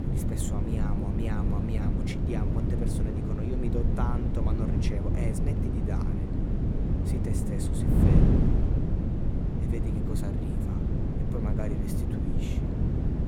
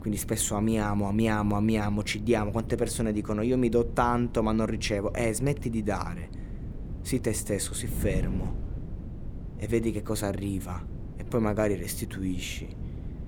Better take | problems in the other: second | wind noise on the microphone; heavy; 4 dB above the speech; occasional gusts in the second

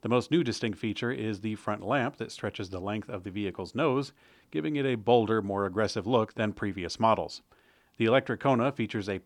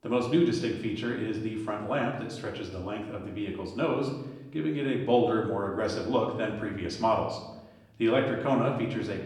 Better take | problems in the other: first | room echo; slight; dies away in 0.9 s // off-mic speech; far

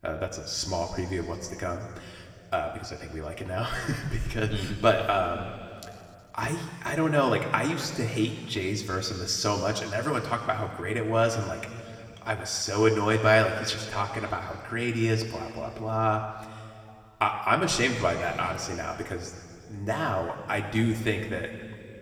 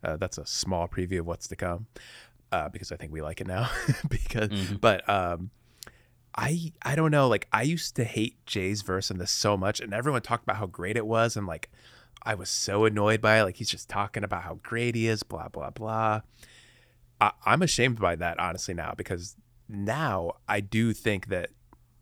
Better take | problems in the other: second | room echo; slight; dies away in 2.4 s // off-mic speech; somewhat distant

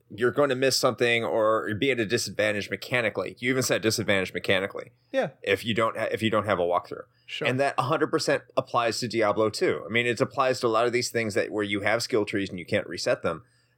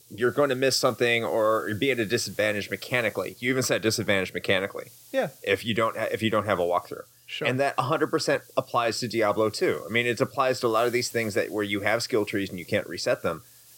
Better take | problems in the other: first | hiss; faint; throughout; 25 dB below the speech

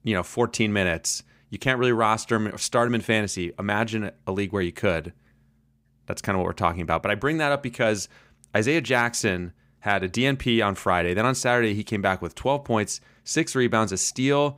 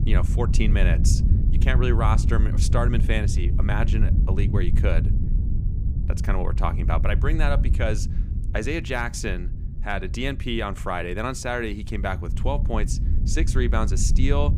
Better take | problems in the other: first | wind noise on the microphone; occasional gusts; 10 dB below the speech

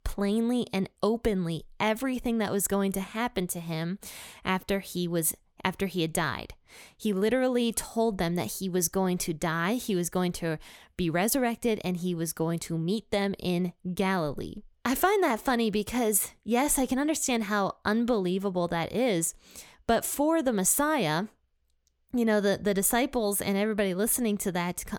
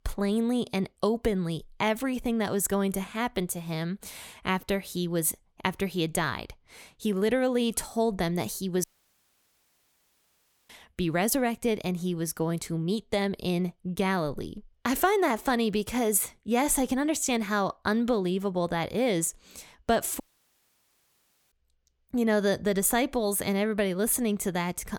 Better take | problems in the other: first | audio cutting out; at 9 s for 2 s and at 20 s for 1.5 s

